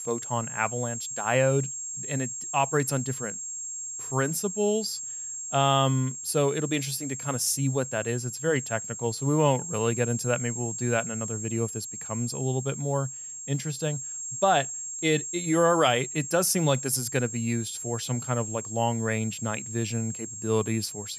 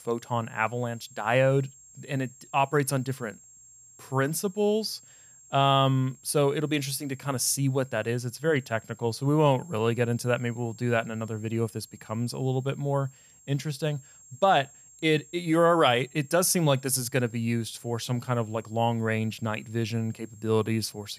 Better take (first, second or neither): second